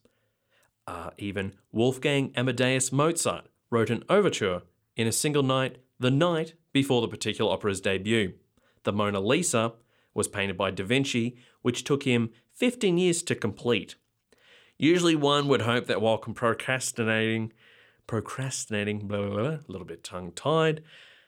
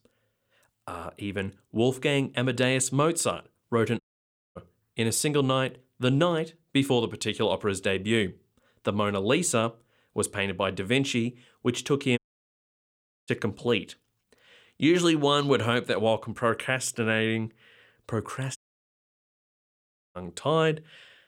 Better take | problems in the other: first | audio cutting out; at 4 s for 0.5 s, at 12 s for 1 s and at 19 s for 1.5 s

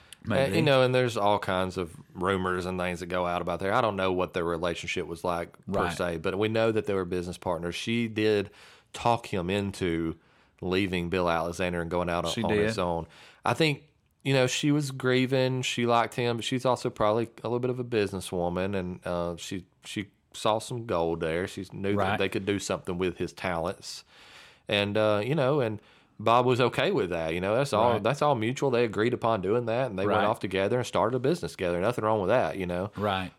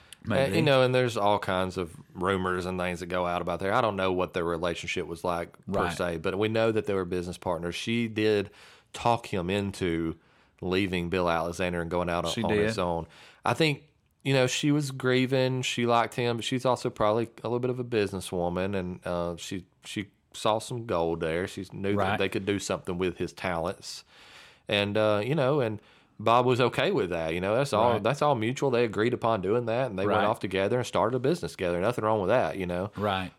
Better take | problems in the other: neither | none

